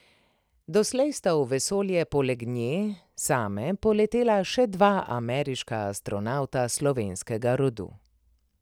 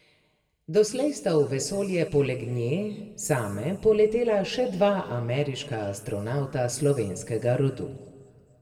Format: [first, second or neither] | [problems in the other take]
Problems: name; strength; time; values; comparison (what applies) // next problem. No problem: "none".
first | room echo; dies away in 1.6 s